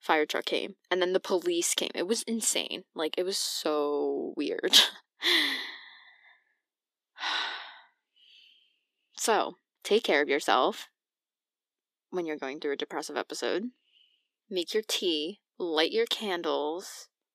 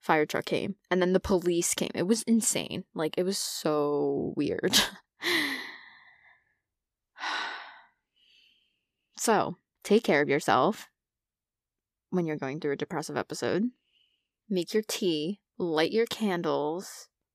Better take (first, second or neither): second